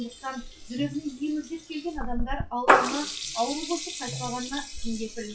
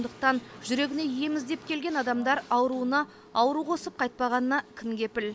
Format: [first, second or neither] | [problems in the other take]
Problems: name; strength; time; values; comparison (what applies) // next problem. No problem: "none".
second | noise reduction (classical method WPE with log-MMSE)